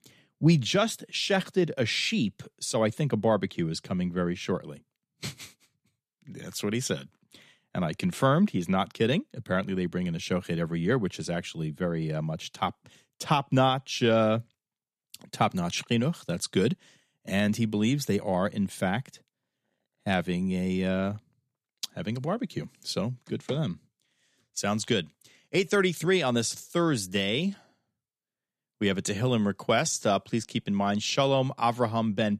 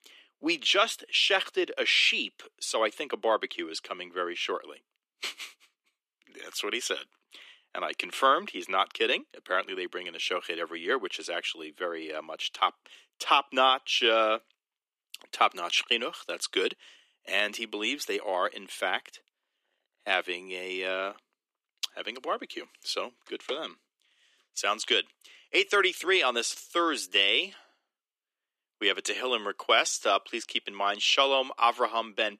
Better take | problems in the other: first | thin; very; fading below 300 Hz

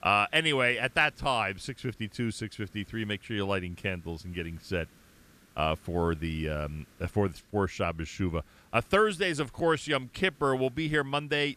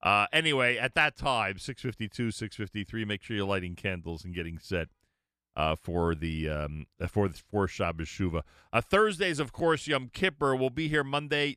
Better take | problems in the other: second | hiss; faint; throughout; 30 dB below the speech

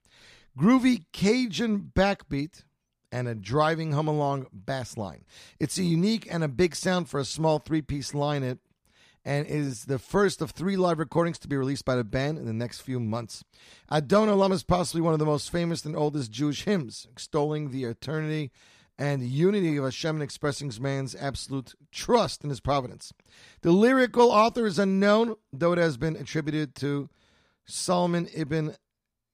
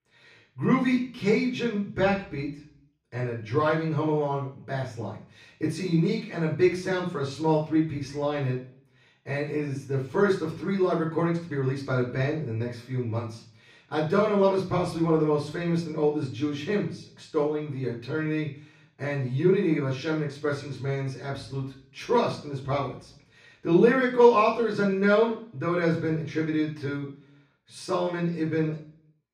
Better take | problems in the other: first | room echo; noticeable; dies away in 0.5 s // off-mic speech; far

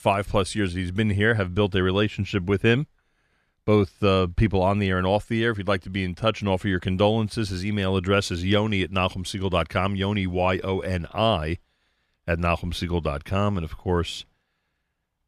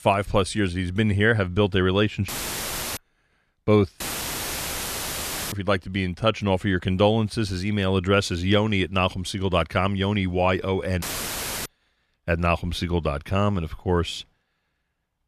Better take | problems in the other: first | audio cutting out; filled with static; at 2.5 s for 0.5 s, at 4 s for 1.5 s and at 11 s for 0.5 s

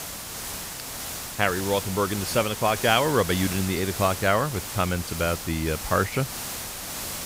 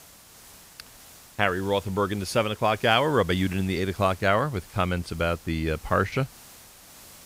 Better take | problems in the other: second | hiss; loud; throughout; 7 dB below the speech; faint in the second

